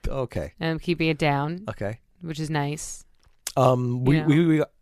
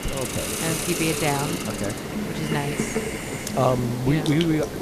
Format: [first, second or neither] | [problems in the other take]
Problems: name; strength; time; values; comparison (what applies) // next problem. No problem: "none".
first | hiss; loud; throughout; 2 dB below the speech